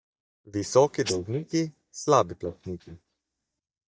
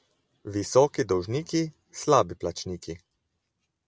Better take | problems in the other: second | noise reduction (neural mask model DeepFilterNet 3)

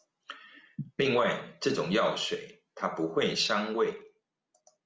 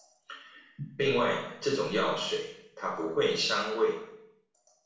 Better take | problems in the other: first | room echo; dies away in 0.7 s

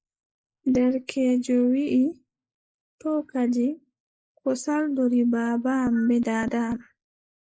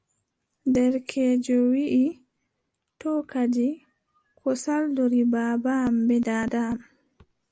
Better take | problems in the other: second | noise reduction (neural mask model Resemble Enhance denoiser)

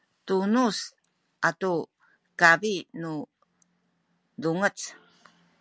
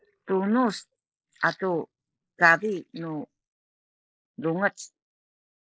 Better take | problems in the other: first | noise reduction (neural mask model Resemble Enhance denoiser)

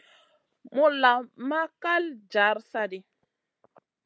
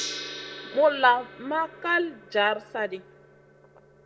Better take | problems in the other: first | background sound (Gong); 14 dB below the speech // room echo; dies away in 0.4 s

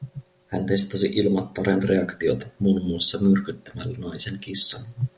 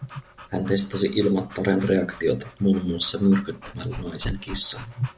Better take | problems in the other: first | background sound (Dog / Breathing); 15 dB below the speech

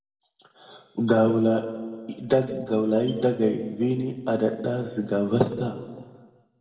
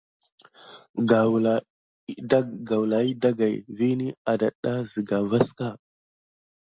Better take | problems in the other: second | room echo; dies away in 1.5 s

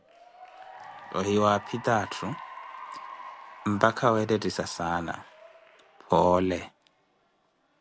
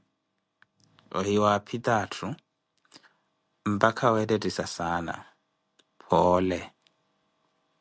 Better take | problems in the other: second | background sound (Applause / Cheering); 17 dB below the speech

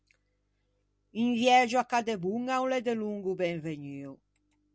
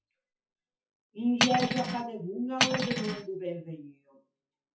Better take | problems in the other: first | noise reduction (classical method WPE with log-MMSE)

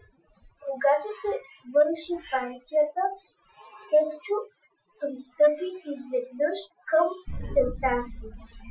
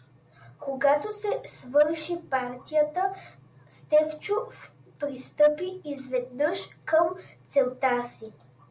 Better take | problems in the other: second | noise reduction (classical method Wiener filter)

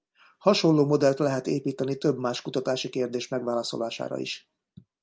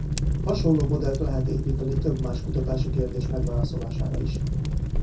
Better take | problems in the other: first | background sound (Fire); 4 dB above the speech // room echo; dies away in 0.3 s

